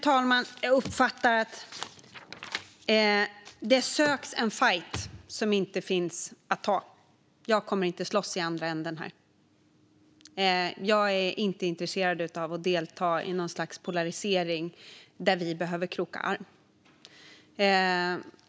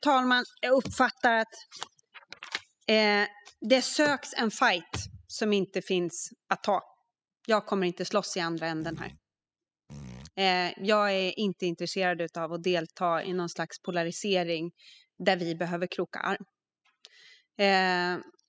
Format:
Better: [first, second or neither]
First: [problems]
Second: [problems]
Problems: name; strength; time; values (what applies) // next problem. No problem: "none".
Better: first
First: none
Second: noise reduction (classical method spectral subtraction)